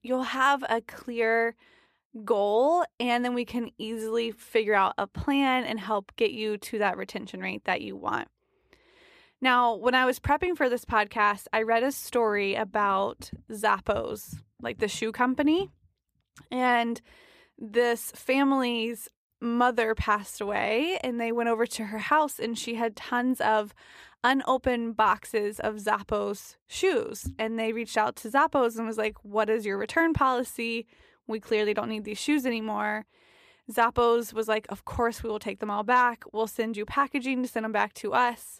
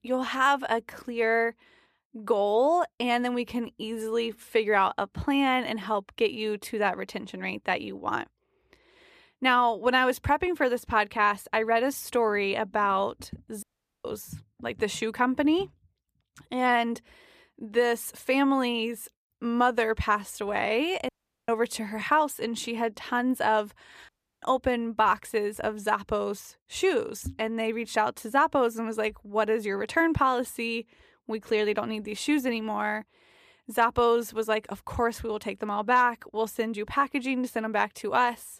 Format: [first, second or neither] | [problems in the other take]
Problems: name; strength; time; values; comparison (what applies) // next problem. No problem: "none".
first | audio cutting out; at 14 s, at 21 s and at 24 s